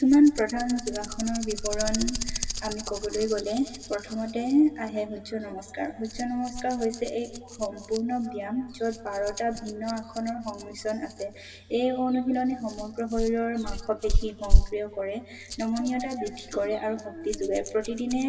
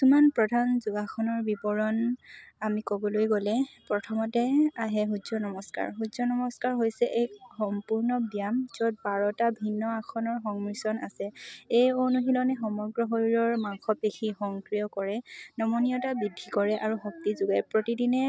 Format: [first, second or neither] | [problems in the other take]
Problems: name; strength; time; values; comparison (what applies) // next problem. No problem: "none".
second | background sound (Rattle); 3 dB below the speech // room echo; dies away in 1.3 s